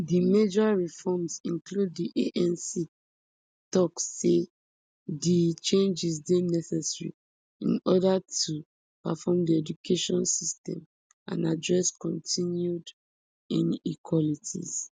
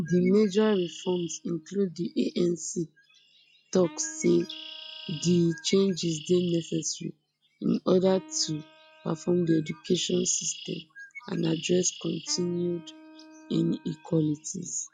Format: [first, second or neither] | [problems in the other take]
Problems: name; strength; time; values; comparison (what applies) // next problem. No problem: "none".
first | noise reduction (classical method log-MMSE)